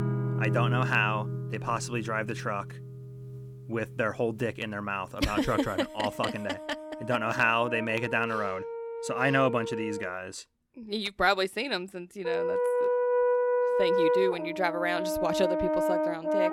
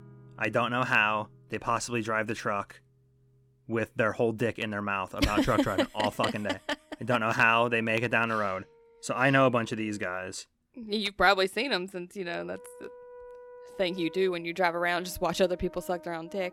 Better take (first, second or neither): second